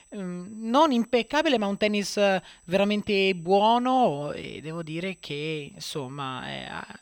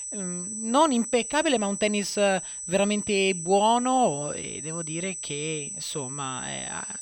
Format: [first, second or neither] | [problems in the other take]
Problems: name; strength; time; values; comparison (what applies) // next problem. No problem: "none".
first | high-pitched whine; loud; throughout; 8 kHz, 7 dB below the speech; faint in the first